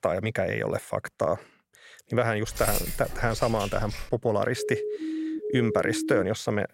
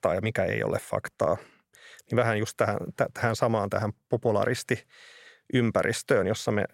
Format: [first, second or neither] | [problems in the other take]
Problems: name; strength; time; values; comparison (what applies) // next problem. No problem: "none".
second | jangling keys; noticeable; from 2.5 to 4 s; peak 2 dB below the speech // siren; noticeable; from 4.5 to 6 s; peak 3 dB below the speech